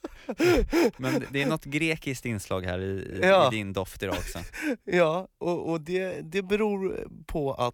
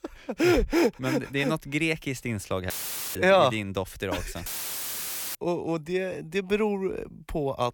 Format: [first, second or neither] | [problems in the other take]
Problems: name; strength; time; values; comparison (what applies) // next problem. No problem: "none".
first | audio cutting out; filled with static; at 2.5 s and at 4.5 s for 1 s